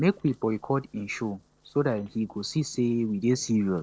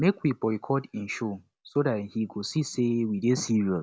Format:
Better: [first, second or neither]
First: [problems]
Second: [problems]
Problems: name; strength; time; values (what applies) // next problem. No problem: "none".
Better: second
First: noise reduction (neural separator model SepFormer DNS4)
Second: none